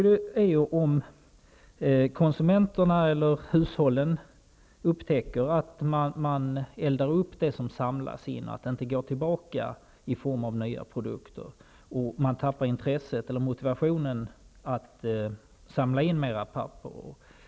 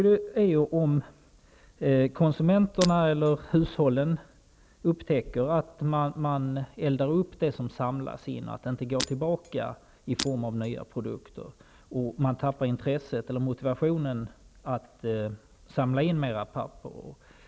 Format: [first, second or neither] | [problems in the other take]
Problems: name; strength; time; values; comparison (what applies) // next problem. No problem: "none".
first | background sound (Shatter); 13 dB below the speech